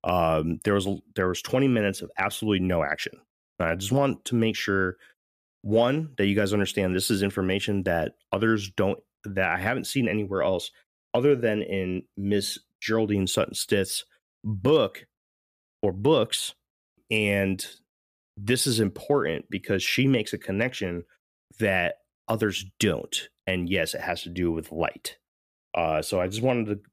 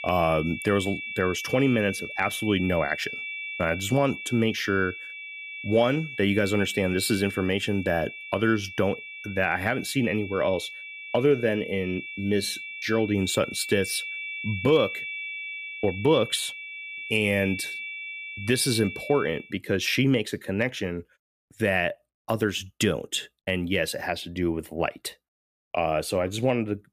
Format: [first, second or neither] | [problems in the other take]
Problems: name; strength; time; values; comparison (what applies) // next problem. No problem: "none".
first | high-pitched whine; loud; until 19 s; 2.5 kHz, 8 dB below the speech